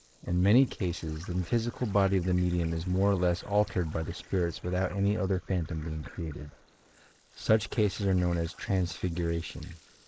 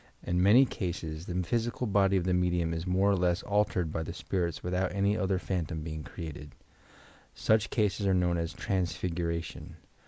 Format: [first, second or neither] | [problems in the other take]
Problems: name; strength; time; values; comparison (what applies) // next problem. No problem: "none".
second | noise reduction (neural mask model Resemble Enhance denoiser)